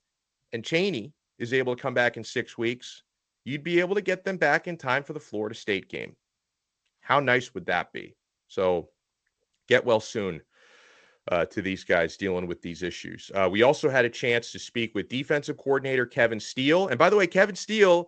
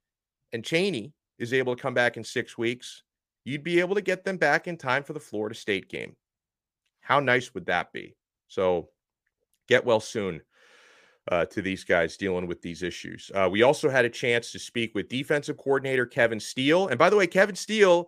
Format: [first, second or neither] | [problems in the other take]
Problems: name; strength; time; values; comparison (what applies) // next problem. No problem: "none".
second | garbled, watery; slightly; nothing above 7.5 kHz